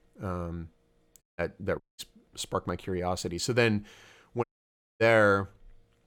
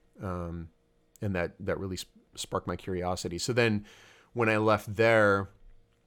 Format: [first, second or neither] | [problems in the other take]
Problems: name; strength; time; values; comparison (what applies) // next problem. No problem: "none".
second | audio cutting out; at 1 s, at 2 s and at 4.5 s for 0.5 s